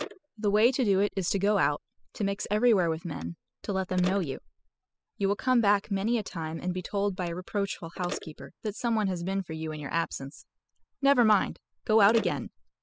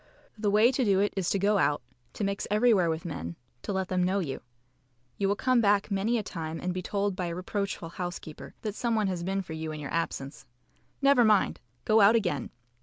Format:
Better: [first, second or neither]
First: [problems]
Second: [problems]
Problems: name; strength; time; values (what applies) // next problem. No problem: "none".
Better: second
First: noise reduction (classical method spectral subtraction)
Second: none